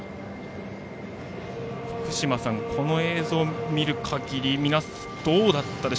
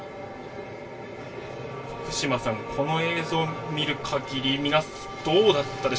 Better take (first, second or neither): first